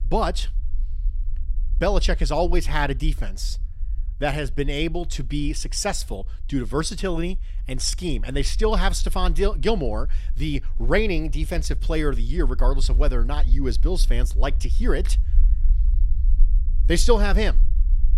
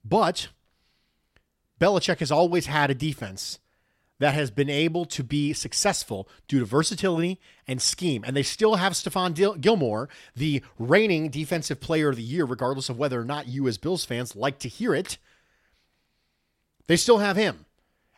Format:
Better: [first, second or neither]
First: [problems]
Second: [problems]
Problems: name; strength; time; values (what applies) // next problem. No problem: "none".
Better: second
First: low rumble; faint; throughout; 25 dB below the speech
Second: none